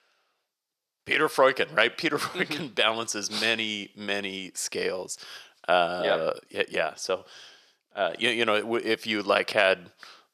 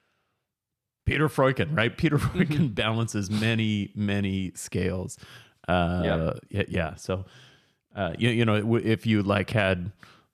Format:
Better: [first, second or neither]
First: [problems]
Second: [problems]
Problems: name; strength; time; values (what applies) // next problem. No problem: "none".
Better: second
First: thin; very; fading below 500 Hz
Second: none